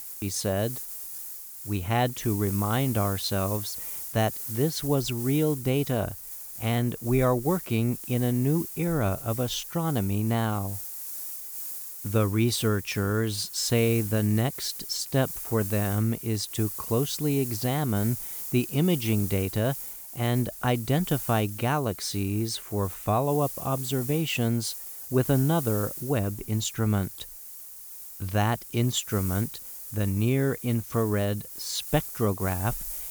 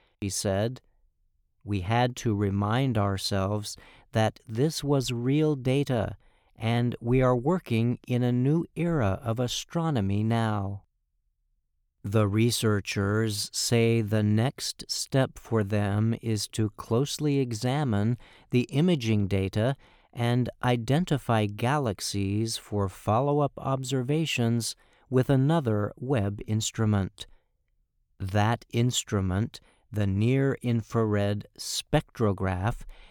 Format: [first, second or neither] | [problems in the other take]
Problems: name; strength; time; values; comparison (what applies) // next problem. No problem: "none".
second | hiss; loud; throughout; 8 dB below the speech